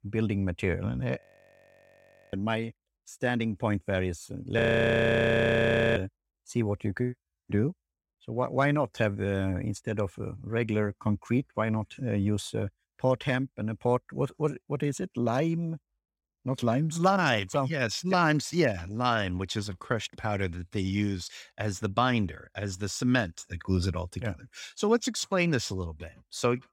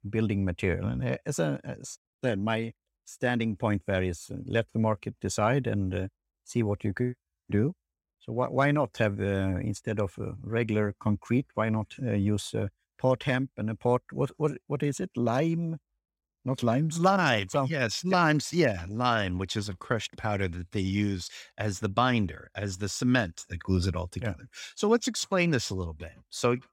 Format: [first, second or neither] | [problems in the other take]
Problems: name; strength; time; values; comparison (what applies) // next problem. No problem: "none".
second | audio freezing; at 1 s for 1 s and at 4.5 s for 1.5 s